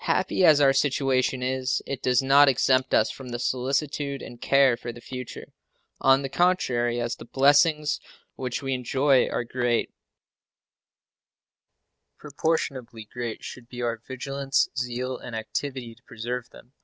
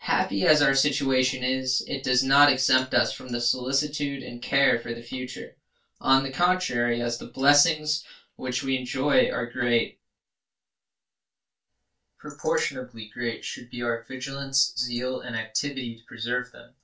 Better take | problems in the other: first | room echo; dies away in 0.2 s

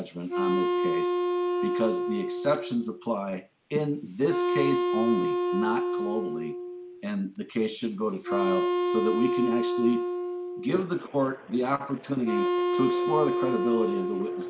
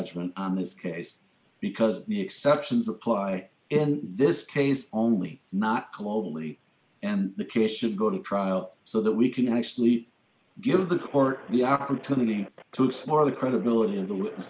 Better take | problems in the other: second | background sound (Wind instrument, woodwind instrument); 1 dB above the speech

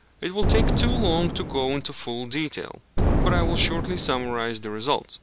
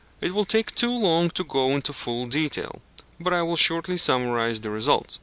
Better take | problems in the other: second | background sound (Boom); 3 dB above the speech

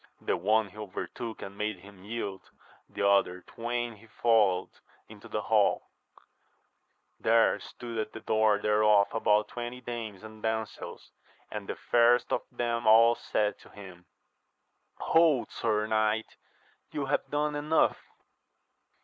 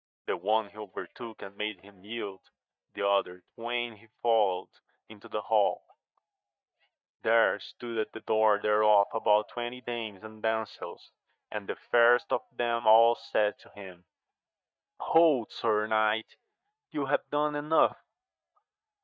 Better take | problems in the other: first | noise reduction (neural mask model DeepFilterNet 3)

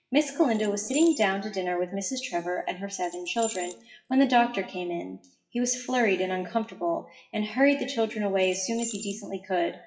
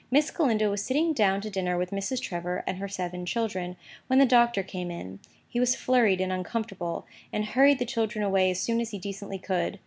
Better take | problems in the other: second | noise reduction (classical method WPE with log-MMSE)

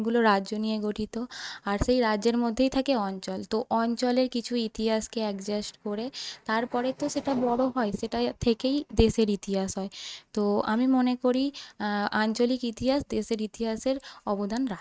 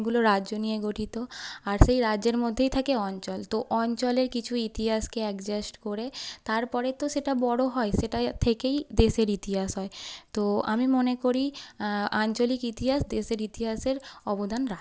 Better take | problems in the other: second | noise reduction (neural mask model RNNoise)

